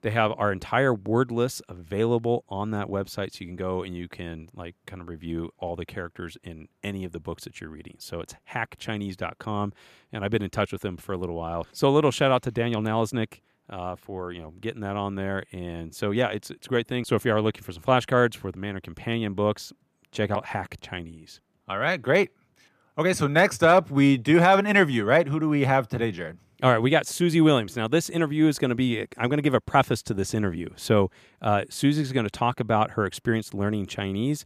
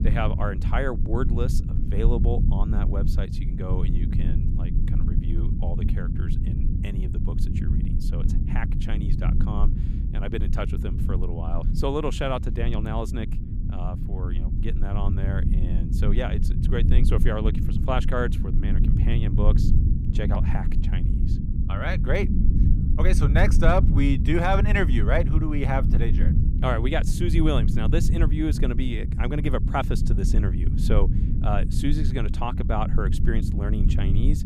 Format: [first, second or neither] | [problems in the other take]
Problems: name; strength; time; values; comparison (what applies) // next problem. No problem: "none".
first | low rumble; loud; throughout; 8 dB below the speech